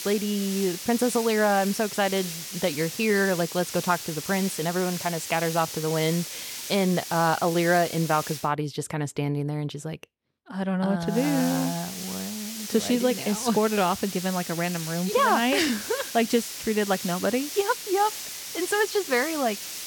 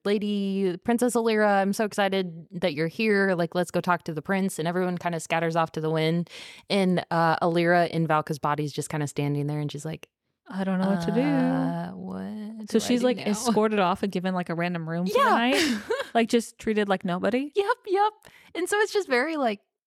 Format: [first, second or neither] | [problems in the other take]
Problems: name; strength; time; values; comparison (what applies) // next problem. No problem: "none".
second | hiss; loud; until 8.5 s and from 11 s on; 8 dB below the speech